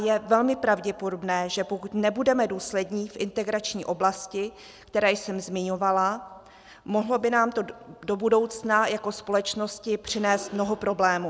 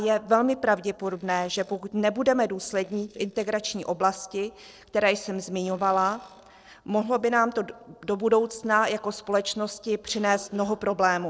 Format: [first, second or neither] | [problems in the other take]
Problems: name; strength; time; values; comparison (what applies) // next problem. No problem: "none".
first | noise reduction (neural separator model SepFormer DNS4)